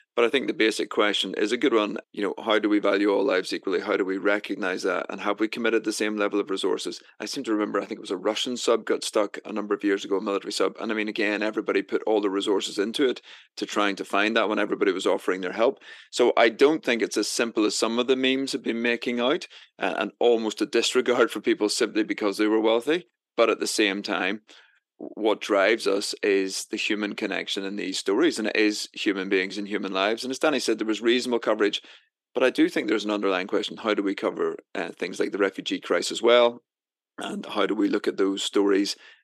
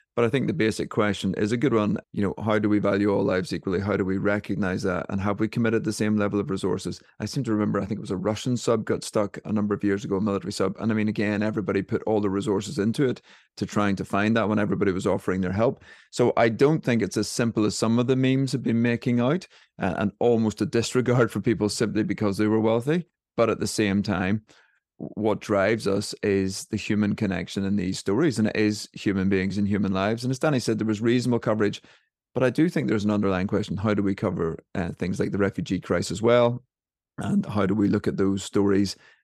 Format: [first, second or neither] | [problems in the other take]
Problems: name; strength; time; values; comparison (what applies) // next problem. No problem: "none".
second | thin; somewhat; fading below 300 Hz